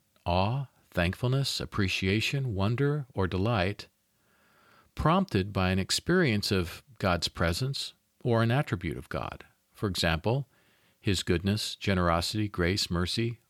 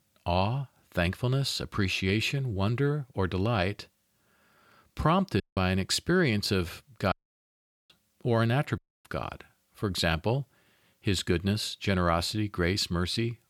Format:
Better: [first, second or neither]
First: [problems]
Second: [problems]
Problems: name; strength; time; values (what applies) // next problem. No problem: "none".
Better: first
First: none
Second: audio cutting out; at 5.5 s, at 7 s for 1 s and at 9 s